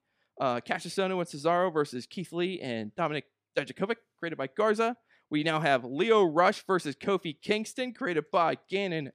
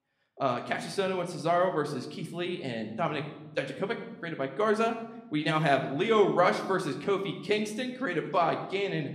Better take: first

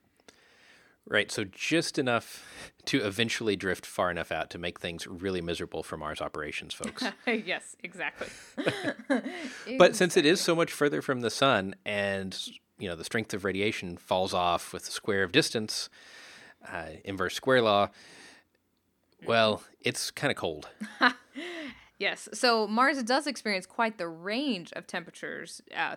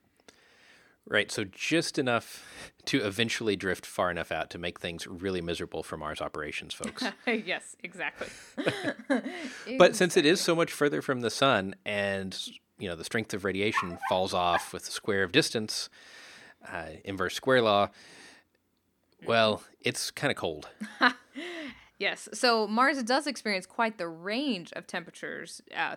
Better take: first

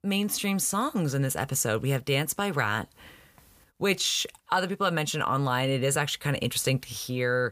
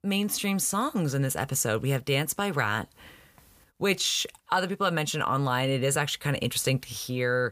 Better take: neither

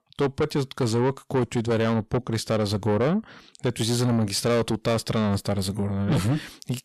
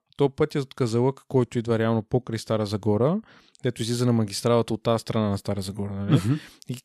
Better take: second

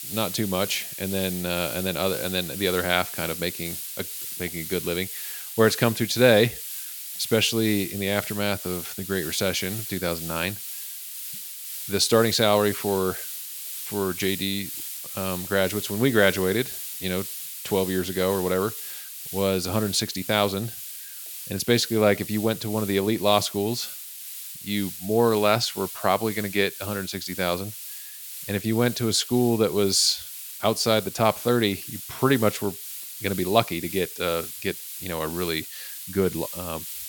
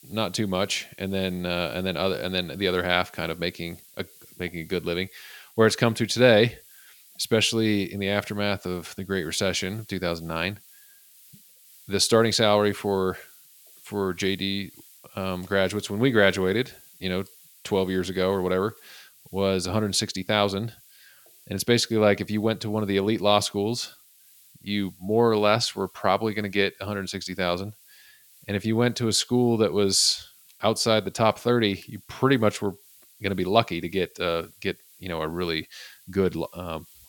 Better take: second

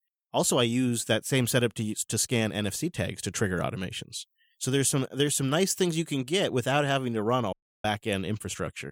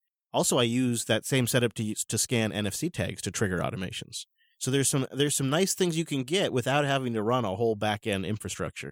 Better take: second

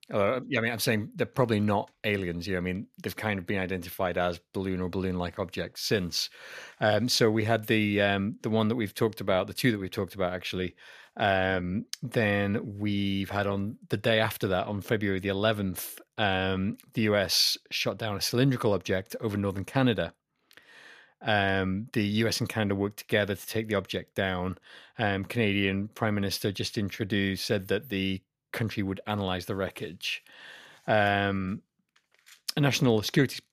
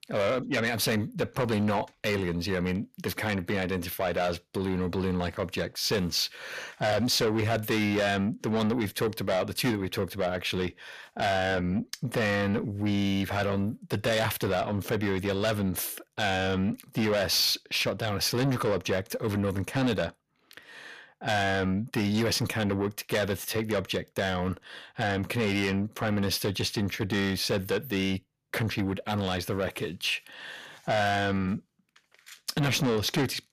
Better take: first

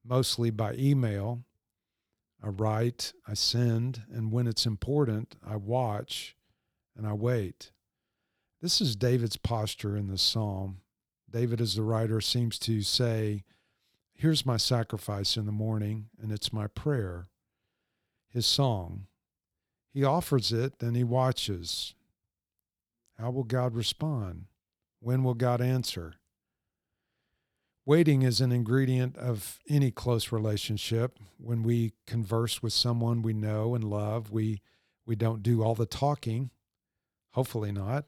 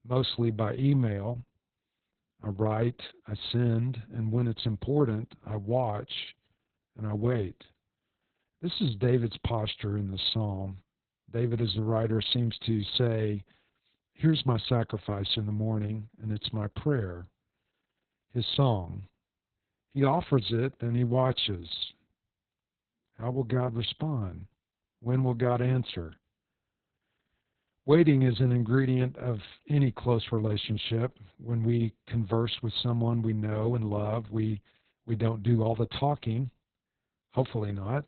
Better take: first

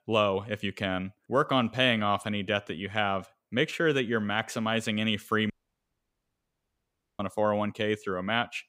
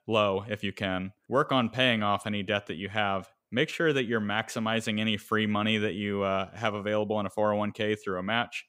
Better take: second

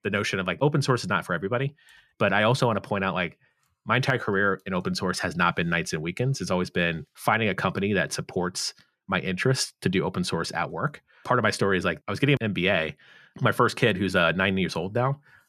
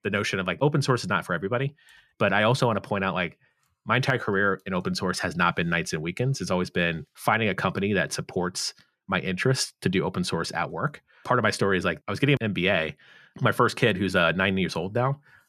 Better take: neither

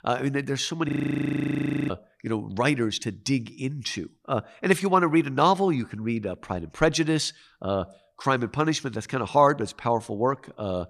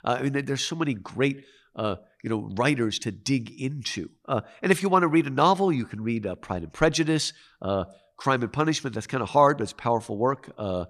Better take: second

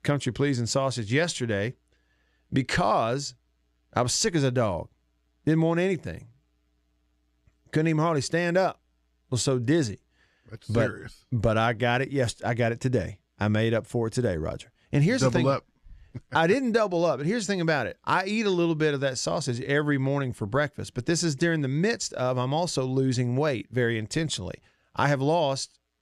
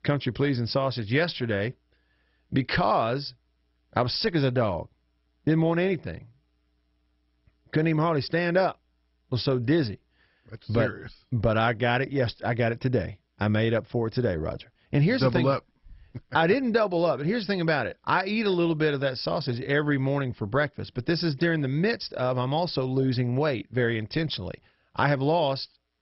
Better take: first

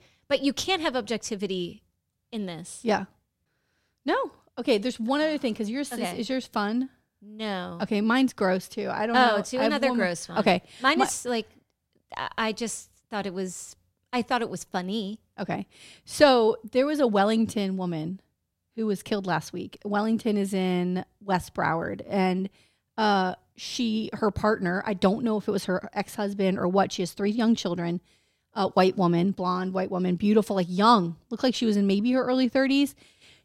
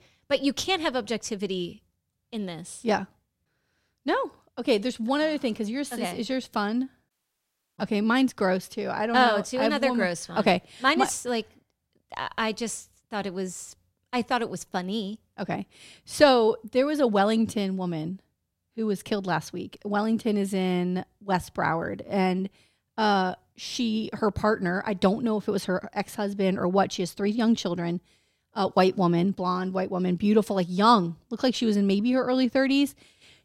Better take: first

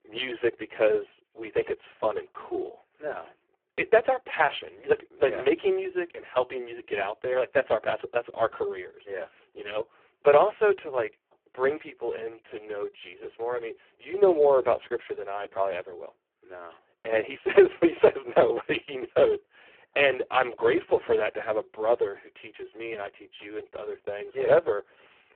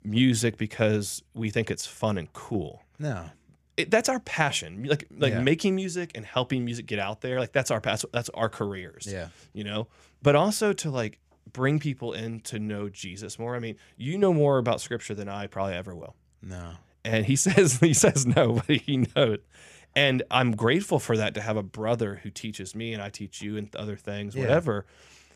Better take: second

